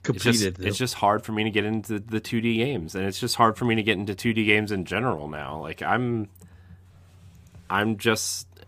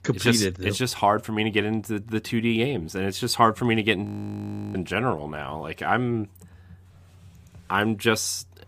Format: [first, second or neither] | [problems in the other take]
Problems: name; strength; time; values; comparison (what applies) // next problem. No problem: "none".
first | audio freezing; at 4 s for 0.5 s